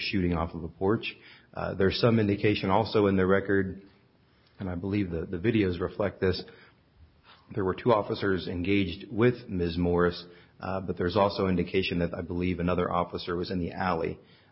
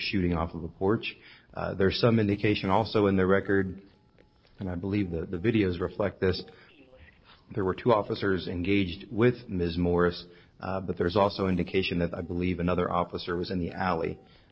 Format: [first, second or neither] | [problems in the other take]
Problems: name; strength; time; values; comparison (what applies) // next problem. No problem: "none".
first | noise reduction (neural separator model SepFormer DNS4)